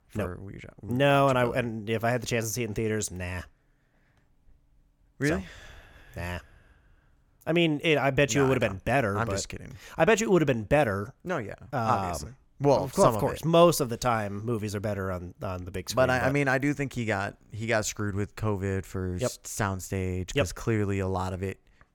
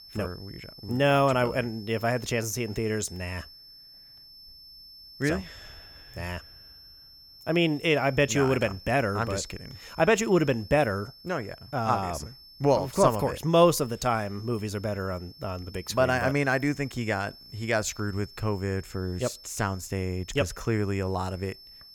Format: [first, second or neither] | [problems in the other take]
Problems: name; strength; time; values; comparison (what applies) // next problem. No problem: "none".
first | high-pitched whine; noticeable; throughout; 5.5 kHz, 20 dB below the speech